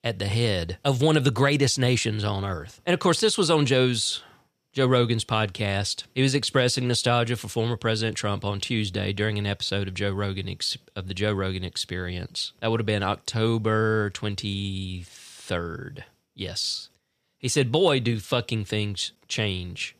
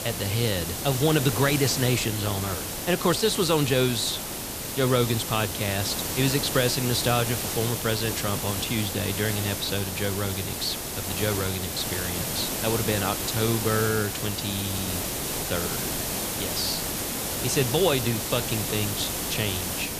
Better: first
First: none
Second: hiss; loud; throughout; 2 dB below the speech

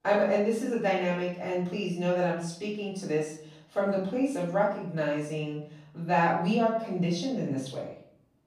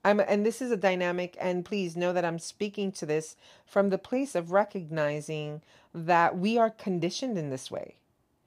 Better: second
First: off-mic speech; far // room echo; noticeable; dies away in 0.5 s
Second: none

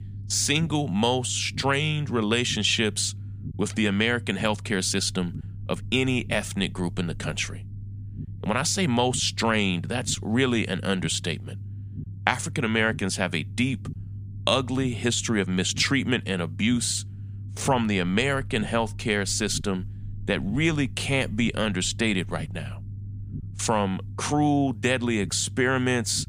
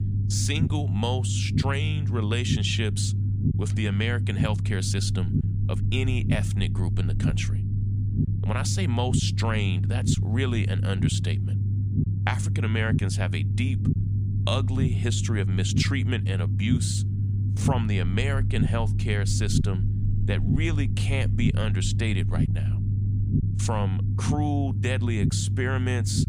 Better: first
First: low rumble; faint; throughout; 25 dB below the speech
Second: low rumble; loud; throughout; 6 dB below the speech

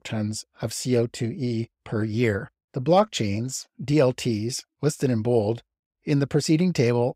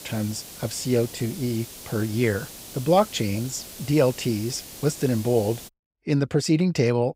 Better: first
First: none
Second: hiss; noticeable; until 5.5 s; 15 dB below the speech

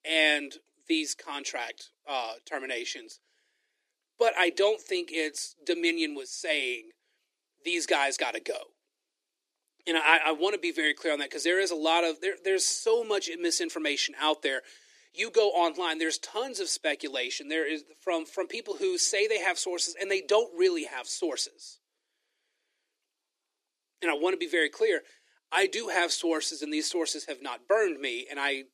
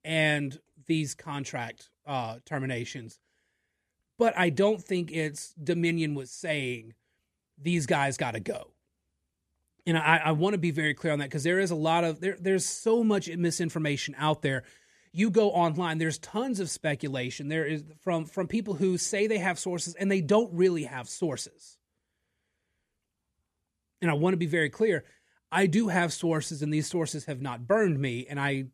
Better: second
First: thin; very; fading below 300 Hz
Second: none

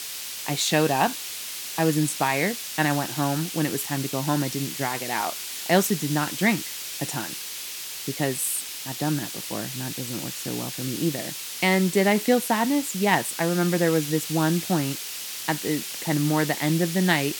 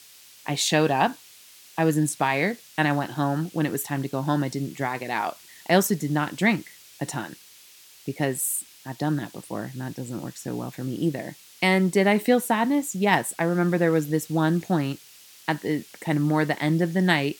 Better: second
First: hiss; loud; throughout; 6 dB below the speech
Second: hiss; faint; throughout; 20 dB below the speech

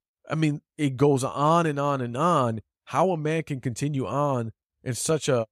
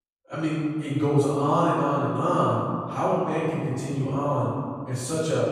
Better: first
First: none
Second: off-mic speech; far // room echo; strong; dies away in 2.1 s

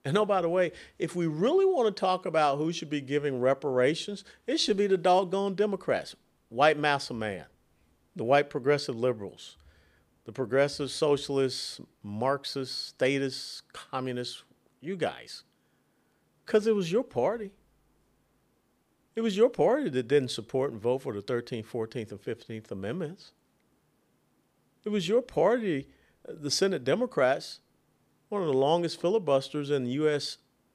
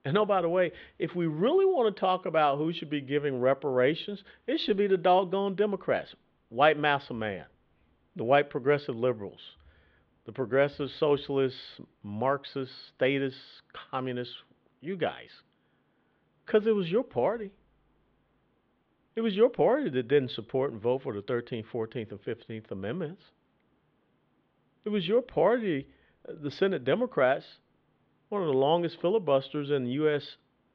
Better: first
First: none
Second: muffled; very; fading above 3.5 kHz

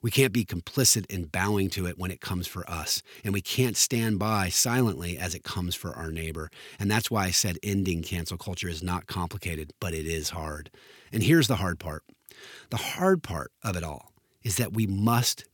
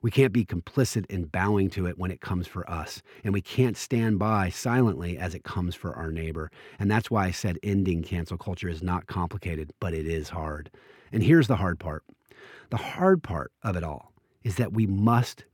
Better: first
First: none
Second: muffled; very; fading above 3 kHz

